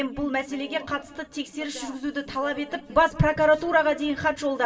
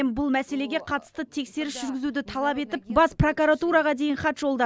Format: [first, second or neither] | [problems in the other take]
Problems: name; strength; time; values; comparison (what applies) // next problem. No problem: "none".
second | room echo; dies away in 2 s